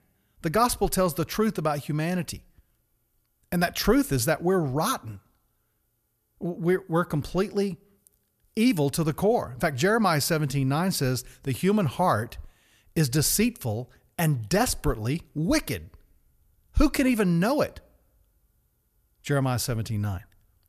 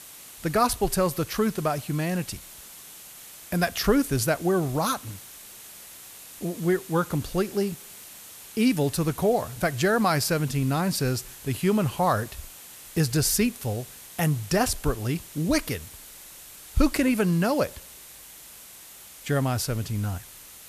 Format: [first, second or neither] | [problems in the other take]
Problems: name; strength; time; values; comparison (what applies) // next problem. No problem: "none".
first | hiss; noticeable; throughout; 15 dB below the speech